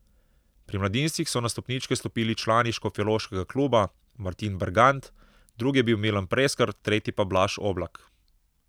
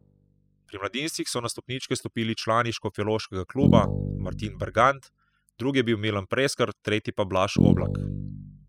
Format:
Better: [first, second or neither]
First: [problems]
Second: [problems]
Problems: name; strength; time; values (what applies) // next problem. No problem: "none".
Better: first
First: none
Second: noise reduction (classical method spectral subtraction)